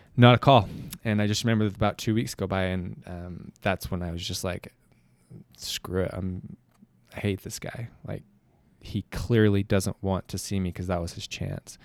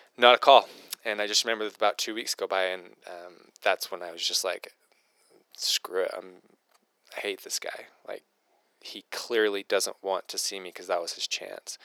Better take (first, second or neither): first